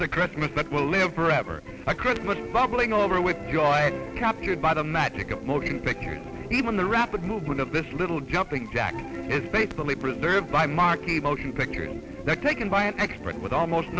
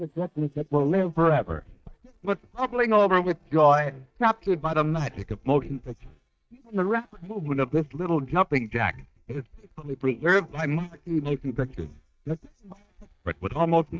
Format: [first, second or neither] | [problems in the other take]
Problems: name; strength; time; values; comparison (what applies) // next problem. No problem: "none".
first | noise reduction (neural mask model DeepFilterNet 3)